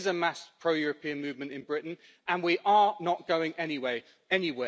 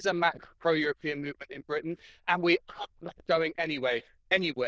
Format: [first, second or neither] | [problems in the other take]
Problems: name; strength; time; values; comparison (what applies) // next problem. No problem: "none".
first | noise reduction (neural diffusion model UNIVERSE++)